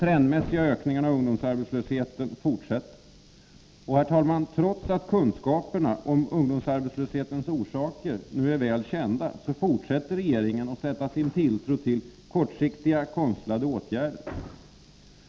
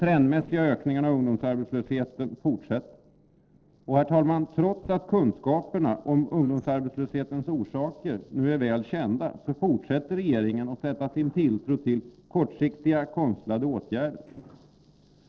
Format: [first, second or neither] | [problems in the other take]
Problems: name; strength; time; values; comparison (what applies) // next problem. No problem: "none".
first | noise reduction (neural separator model SepFormer DNS4)